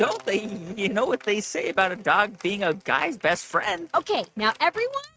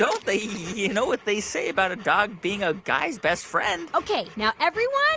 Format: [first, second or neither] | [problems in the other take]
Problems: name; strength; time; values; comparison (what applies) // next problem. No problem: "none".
second | noise reduction (neural mask model RNNoise)